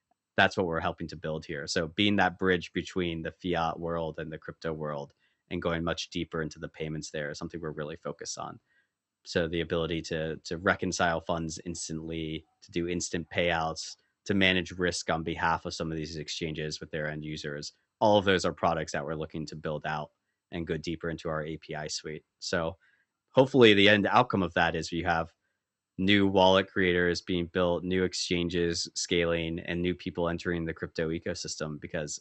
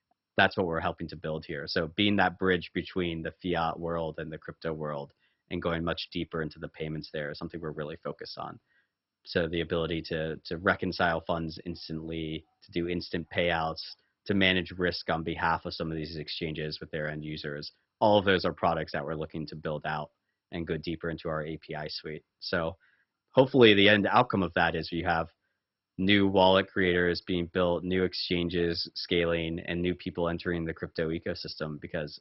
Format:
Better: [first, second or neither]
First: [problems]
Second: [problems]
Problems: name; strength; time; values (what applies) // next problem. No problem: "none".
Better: first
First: garbled, watery; slightly; nothing above 8 kHz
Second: garbled, watery; badly; nothing above 5.5 kHz